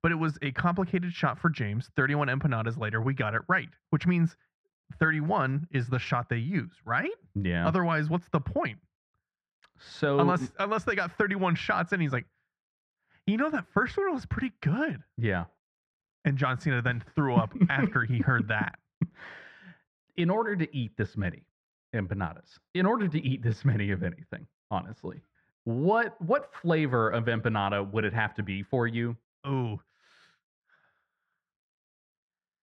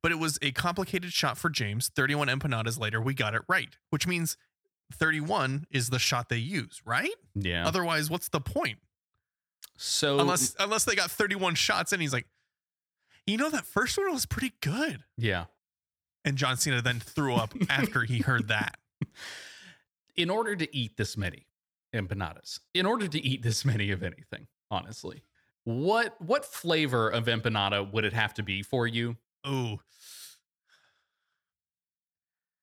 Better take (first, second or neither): second